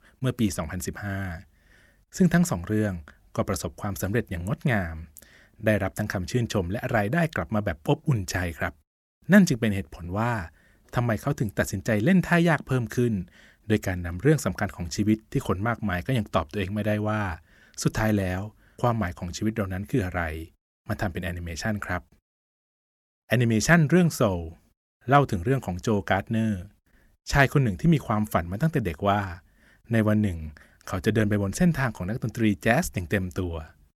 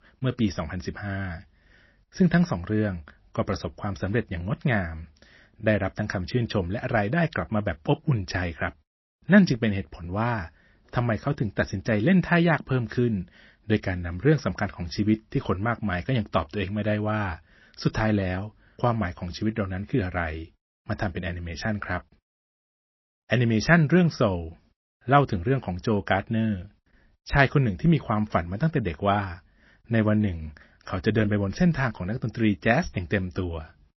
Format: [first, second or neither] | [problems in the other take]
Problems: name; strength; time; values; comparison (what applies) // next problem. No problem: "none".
first | garbled, watery; slightly; nothing above 6 kHz